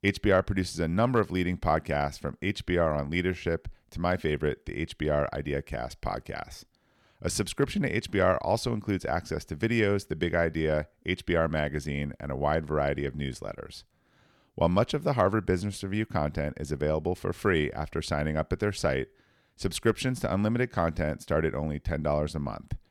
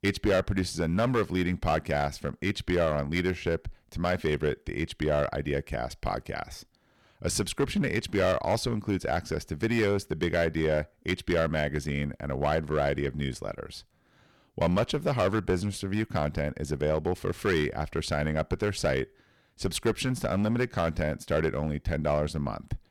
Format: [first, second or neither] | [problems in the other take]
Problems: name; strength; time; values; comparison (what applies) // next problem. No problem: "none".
first | distortion; slight; 5% of the sound clipped